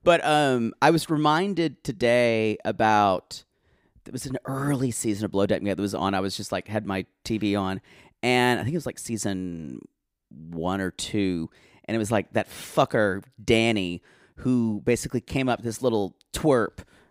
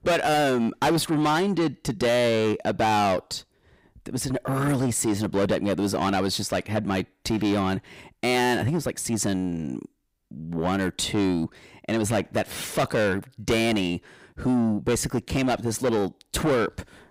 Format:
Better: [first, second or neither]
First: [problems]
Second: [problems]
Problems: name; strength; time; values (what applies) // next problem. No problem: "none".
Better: first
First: none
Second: distortion; heavy; 7 dB below the speech